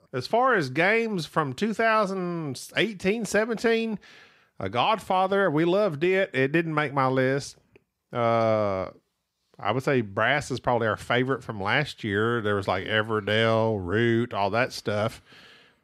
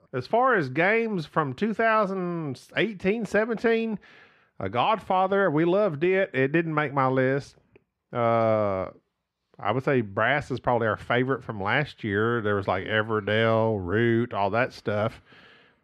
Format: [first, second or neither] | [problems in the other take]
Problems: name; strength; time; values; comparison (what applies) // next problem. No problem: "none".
first | muffled; slightly; fading above 4 kHz